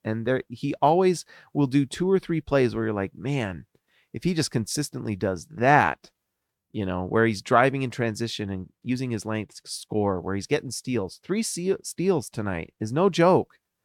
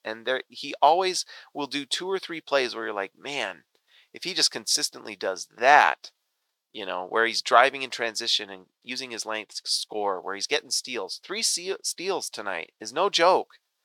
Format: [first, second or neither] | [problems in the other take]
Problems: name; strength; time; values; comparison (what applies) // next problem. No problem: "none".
first | thin; very; fading below 700 Hz